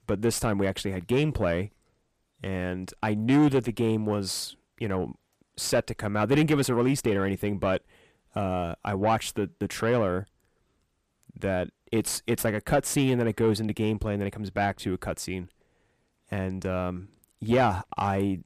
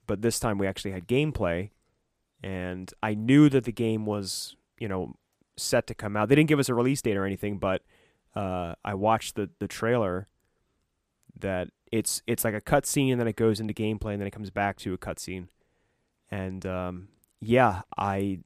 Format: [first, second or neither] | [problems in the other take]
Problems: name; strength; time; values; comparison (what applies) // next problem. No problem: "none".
second | distortion; slight; 10 dB below the speech